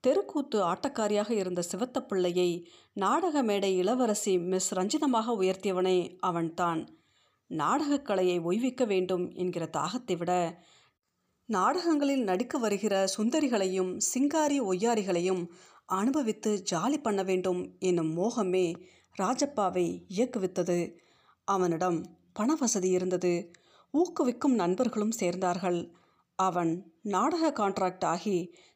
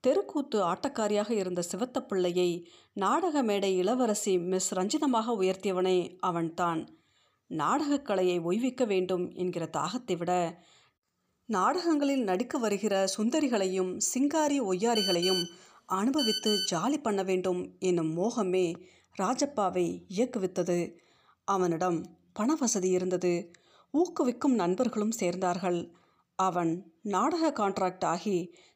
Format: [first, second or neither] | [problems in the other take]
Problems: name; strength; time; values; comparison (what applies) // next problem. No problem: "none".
first | phone ringing; loud; from 15 to 17 s; peak 1 dB above the speech